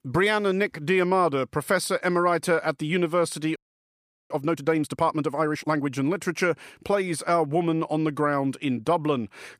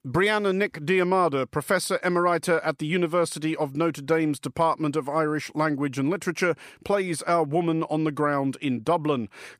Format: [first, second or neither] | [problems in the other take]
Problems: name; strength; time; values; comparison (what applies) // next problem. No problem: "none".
second | audio freezing; at 3.5 s for 0.5 s